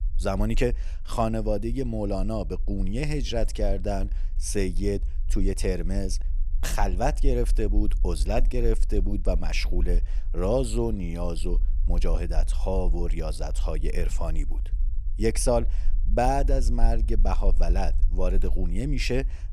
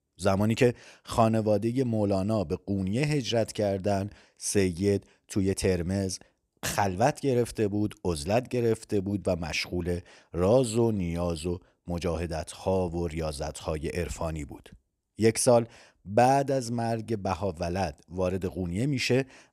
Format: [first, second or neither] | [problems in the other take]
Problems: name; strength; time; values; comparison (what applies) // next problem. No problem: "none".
second | low rumble; faint; throughout; 25 dB below the speech